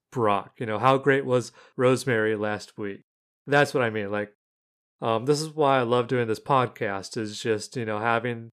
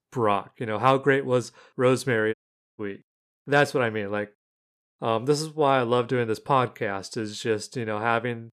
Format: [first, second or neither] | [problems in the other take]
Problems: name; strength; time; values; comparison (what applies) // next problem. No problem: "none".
first | audio cutting out; at 2.5 s